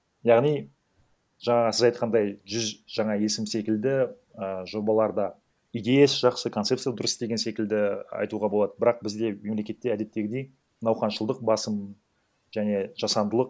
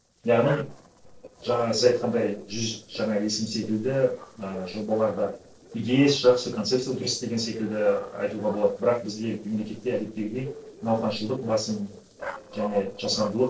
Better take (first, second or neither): first